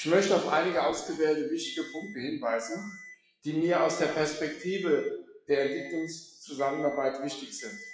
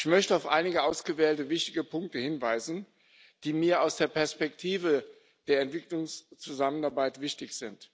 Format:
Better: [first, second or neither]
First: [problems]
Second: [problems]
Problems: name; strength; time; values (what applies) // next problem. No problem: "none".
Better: second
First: noise reduction (classical method WPE with log-MMSE)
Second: none